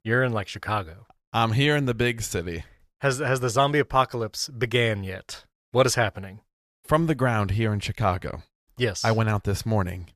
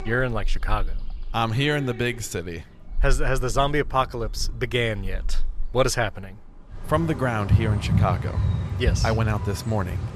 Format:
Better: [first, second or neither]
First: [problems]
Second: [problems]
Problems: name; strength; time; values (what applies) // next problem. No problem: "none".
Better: first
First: none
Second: animal sounds; loud; throughout; 4 dB below the speech